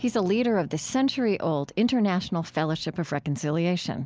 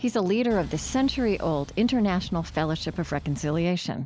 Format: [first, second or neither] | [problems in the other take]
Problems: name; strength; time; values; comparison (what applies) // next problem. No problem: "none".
first | background sound (Engine); 15 dB below the speech